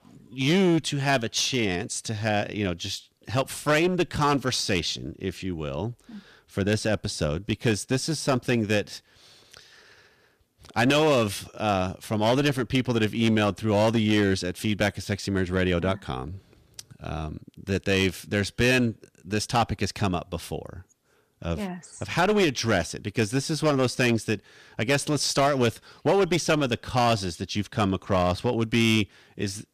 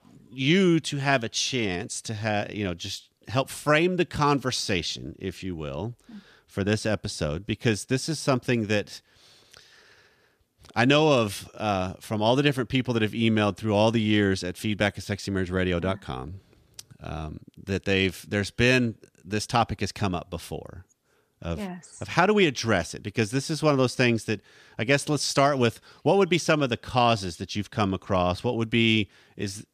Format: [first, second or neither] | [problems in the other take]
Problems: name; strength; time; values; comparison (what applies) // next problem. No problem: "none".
second | distortion; slight; 6% of the sound clipped